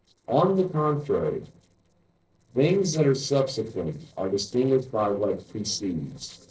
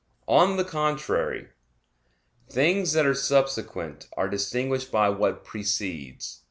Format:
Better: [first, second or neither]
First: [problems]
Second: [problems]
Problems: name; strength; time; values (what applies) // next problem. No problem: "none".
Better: second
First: noise reduction (neural separator model SepFormer DNS4)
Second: none